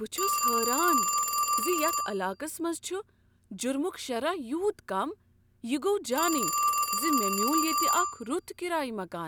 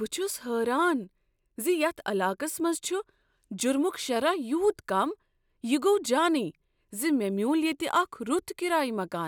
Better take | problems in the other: second | background sound (Telephone); 1 dB above the speech

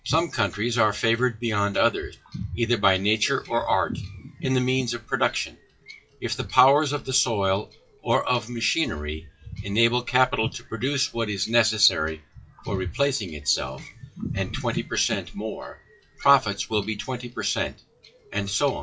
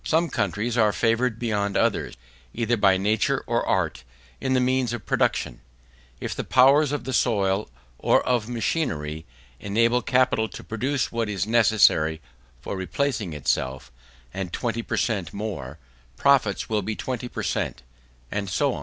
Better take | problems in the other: second | noise reduction (classical method WPE with log-MMSE)

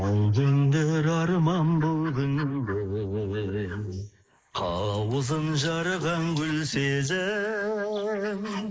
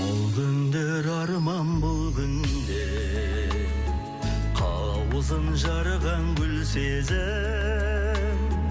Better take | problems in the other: second | noise reduction (neural mask model Resemble Enhance denoiser)

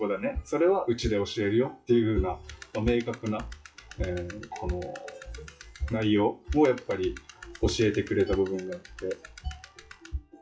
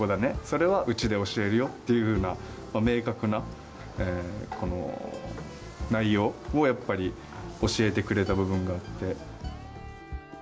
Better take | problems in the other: second | noise reduction (classical method WPE with log-MMSE)

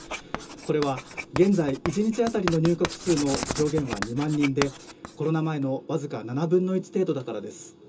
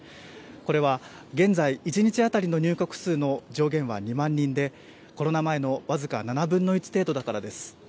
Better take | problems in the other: second | background sound (Writing); 10 dB below the speech // room echo; dies away in 0.2 s

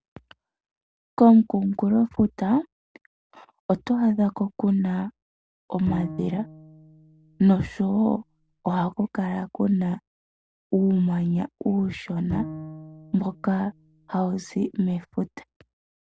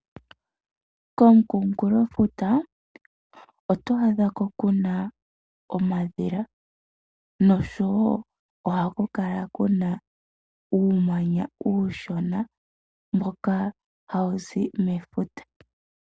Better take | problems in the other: second | background sound (Bowed string instrument); 14 dB below the speech

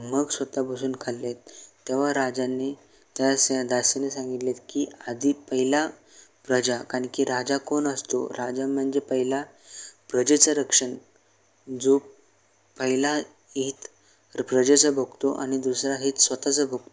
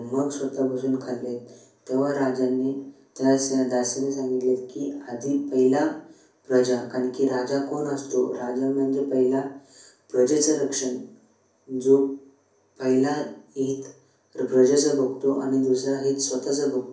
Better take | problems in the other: first | room echo; dies away in 0.6 s

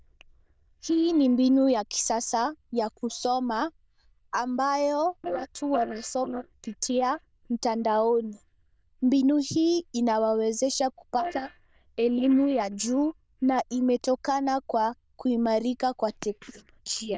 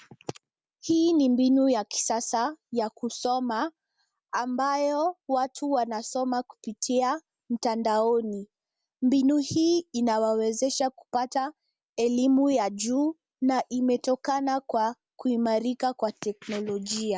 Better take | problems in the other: second | noise reduction (neural diffusion model UNIVERSE++)

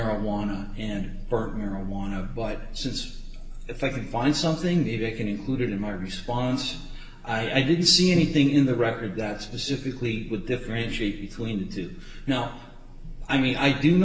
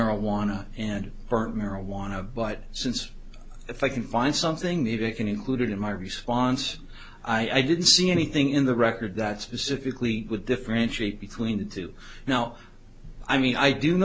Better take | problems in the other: second | room echo; dies away in 1.1 s

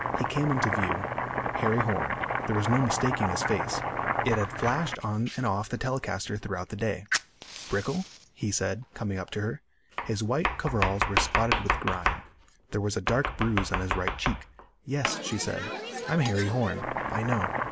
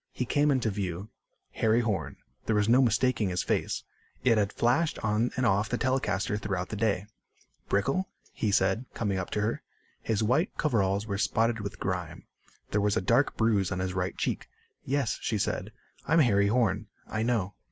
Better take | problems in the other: second | background sound (Domestic sounds, home sounds); 2 dB below the speech

